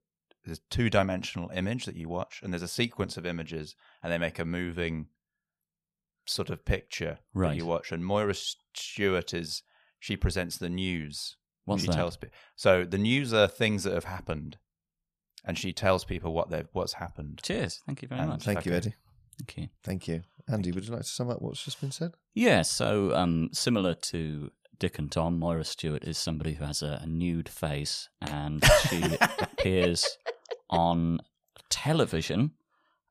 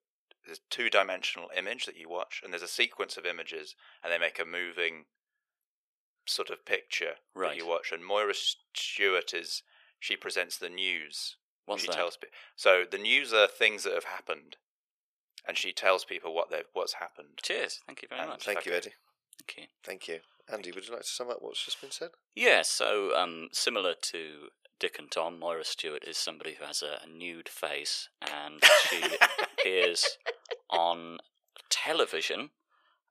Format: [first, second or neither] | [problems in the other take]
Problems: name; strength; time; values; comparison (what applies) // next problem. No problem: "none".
first | thin; very; fading below 400 Hz